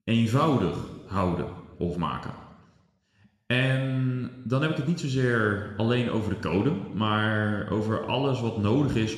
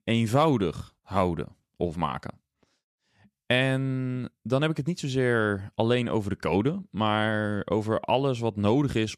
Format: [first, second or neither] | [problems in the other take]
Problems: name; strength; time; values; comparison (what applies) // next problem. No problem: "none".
second | room echo; noticeable; dies away in 1.1 s